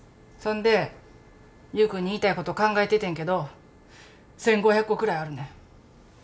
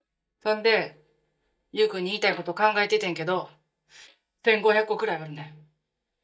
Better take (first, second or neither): first